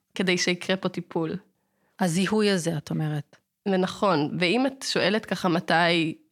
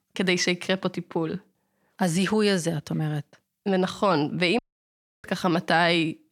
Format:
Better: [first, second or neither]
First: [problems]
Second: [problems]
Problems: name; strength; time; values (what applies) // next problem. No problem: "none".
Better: first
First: none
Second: audio cutting out; at 4.5 s for 0.5 s